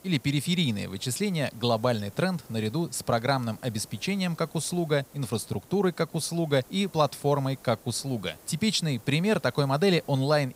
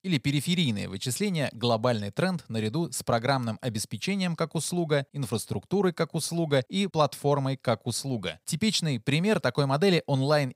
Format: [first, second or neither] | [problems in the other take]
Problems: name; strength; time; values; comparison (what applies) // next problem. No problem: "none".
second | hiss; faint; throughout; 25 dB below the speech